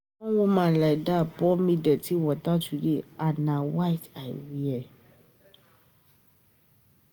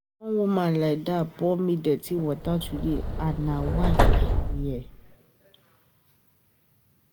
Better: first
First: none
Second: background sound (Subway, metro, underground); 4 dB above the speech

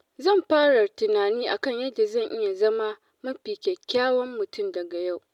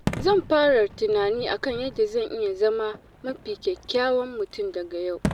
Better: first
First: none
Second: background sound (Fireworks); 12 dB below the speech

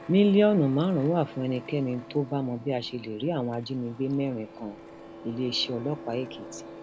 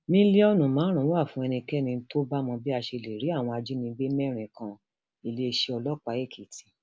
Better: second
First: background sound (Printer); 17 dB below the speech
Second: none

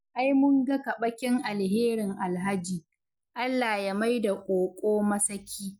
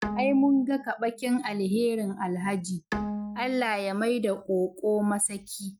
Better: first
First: none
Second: noise reduction (neural mask model RNNoise)

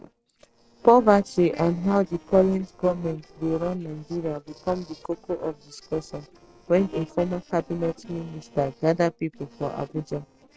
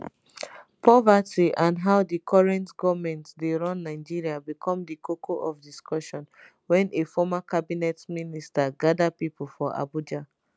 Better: second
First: noise reduction (neural separator model SepFormer DNS4)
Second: none

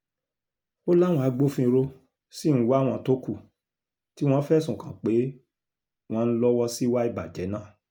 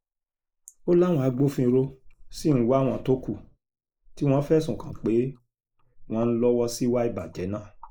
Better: first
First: none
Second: noise reduction (neural mask model Resemble Enhance denoiser)

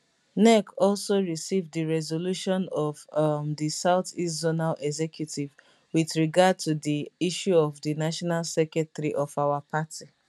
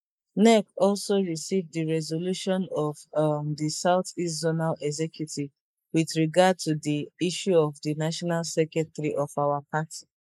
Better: first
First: none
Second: noise reduction (neural mask model Resemble Enhance denoiser)

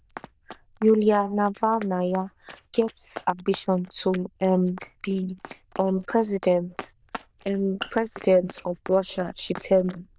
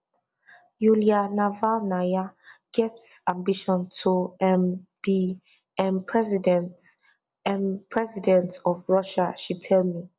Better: second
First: noise reduction (neural diffusion model UNIVERSE++)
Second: none

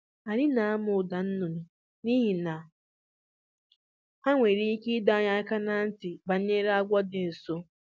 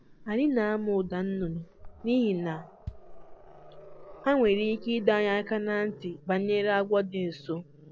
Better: first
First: none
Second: background sound (Growling + Bass drum); 18 dB below the speech

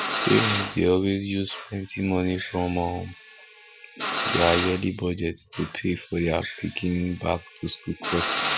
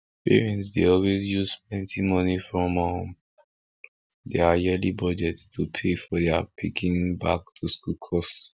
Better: second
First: background sound (Drill); 6 dB below the speech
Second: none

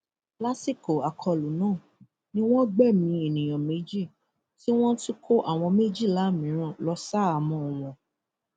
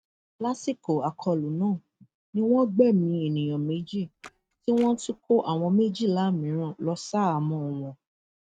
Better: first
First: none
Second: noise reduction (neural mask model RNNoise)

